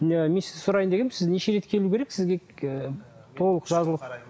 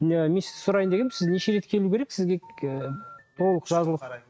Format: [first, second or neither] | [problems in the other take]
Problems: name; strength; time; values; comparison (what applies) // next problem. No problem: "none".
first | noise reduction (neural mask model RNNoise)